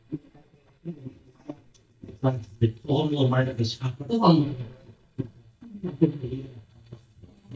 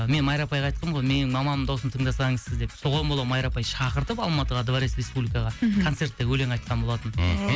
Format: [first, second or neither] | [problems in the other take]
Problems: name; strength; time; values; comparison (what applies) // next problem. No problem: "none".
second | noise reduction (neural mask model DeepFilterNet 3)